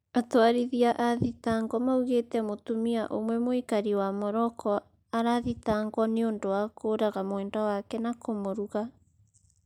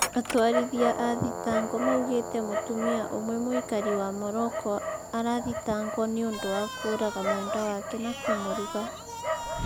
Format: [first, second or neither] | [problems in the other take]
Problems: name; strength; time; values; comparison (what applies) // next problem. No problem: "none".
first | background sound (Dog); 3 dB below the speech